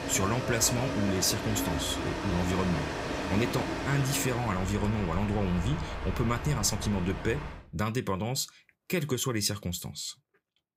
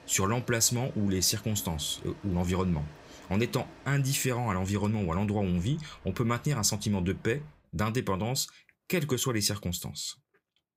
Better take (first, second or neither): second